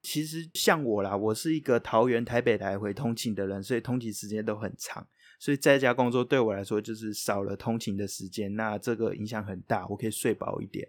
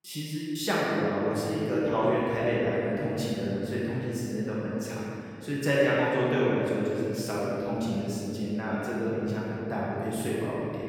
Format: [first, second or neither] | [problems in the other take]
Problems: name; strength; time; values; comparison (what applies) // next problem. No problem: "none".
first | room echo; strong; dies away in 3 s // off-mic speech; far